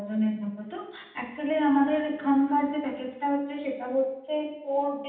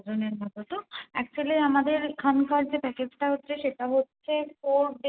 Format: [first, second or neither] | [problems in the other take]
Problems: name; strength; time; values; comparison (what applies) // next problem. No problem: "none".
second | room echo; dies away in 0.8 s